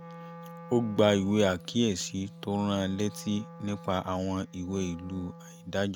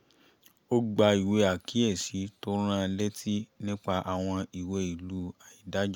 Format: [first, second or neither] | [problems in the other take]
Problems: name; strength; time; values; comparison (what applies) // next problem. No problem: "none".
second | background sound (Wind instrument, woodwind instrument); 17 dB below the speech